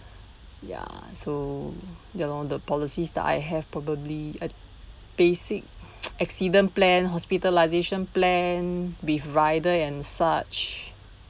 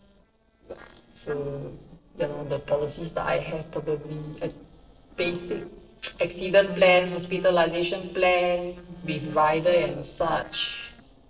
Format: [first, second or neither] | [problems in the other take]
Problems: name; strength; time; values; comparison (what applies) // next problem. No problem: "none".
first | noise reduction (neural separator model SepFormer DNS4)